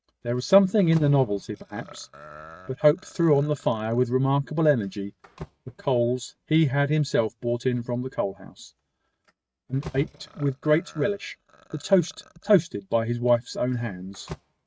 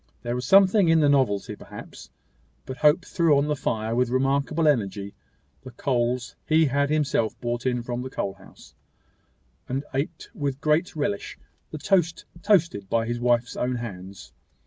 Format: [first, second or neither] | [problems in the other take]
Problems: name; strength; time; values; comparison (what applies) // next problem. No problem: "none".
second | noise reduction (neural mask model RNNoise)